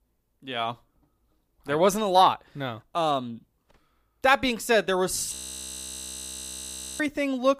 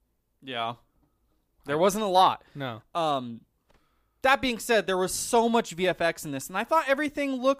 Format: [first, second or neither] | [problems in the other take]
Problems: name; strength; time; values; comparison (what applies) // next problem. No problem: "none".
second | audio freezing; at 5.5 s for 1.5 s